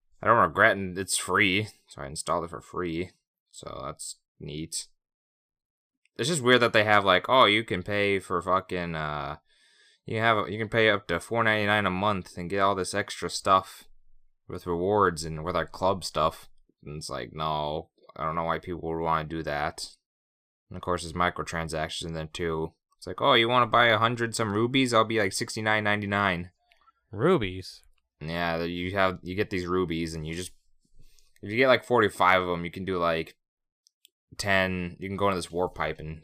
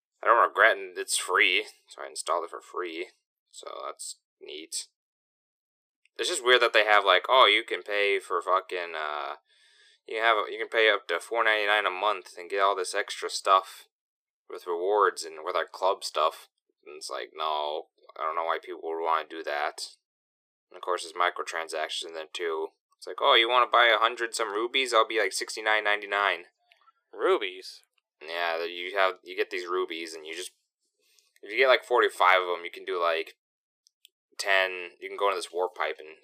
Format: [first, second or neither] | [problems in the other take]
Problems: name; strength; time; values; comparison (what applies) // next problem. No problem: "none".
first | thin; very; fading below 400 Hz